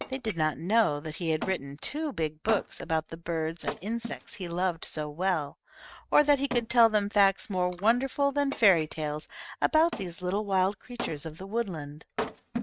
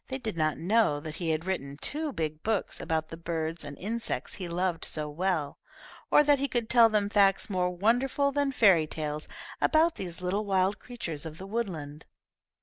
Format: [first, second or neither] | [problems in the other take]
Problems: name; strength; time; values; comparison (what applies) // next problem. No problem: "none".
second | noise reduction (neural mask model RNNoise)